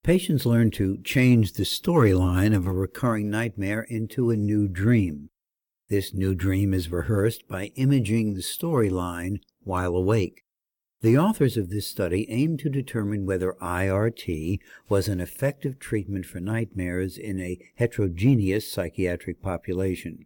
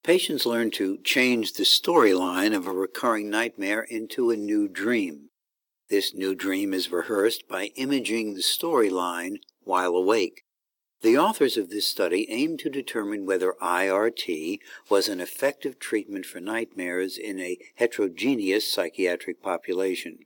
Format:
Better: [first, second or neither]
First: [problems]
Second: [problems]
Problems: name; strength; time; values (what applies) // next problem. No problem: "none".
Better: first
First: none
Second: thin; somewhat; fading below 300 Hz